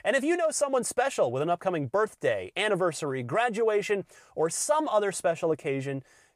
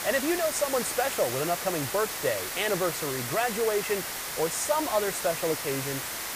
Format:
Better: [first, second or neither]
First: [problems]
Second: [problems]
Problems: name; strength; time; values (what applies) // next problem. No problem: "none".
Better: first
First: none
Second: hiss; loud; throughout; 3 dB below the speech